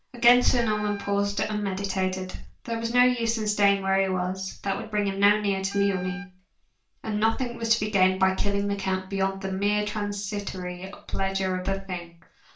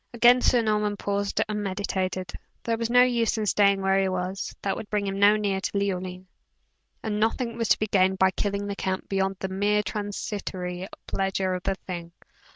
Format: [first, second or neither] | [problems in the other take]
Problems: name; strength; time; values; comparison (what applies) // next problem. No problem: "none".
second | background sound (Wind instrument, woodwind instrument); 17 dB below the speech // room echo; dies away in 0.3 s